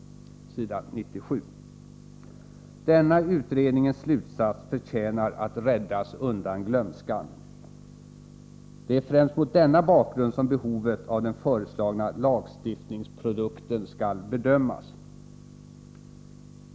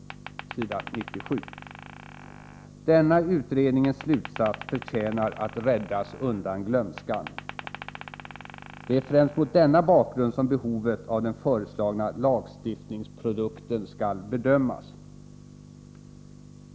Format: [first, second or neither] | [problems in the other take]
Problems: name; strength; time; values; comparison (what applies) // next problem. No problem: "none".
first | background sound (Glass); 17 dB below the speech